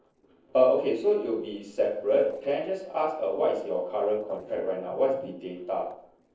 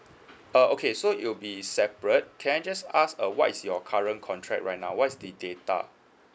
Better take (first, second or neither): second